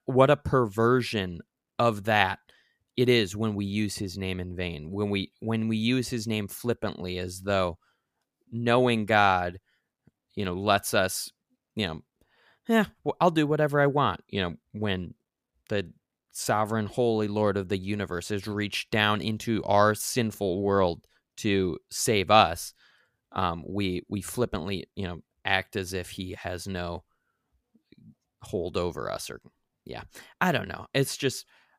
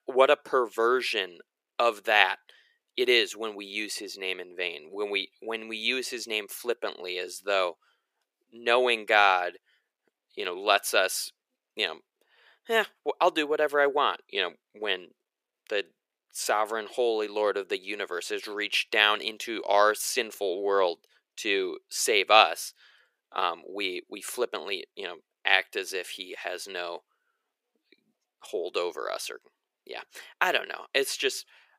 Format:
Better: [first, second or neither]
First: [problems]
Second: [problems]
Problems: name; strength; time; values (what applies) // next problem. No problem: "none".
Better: first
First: none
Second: thin; very; fading below 400 Hz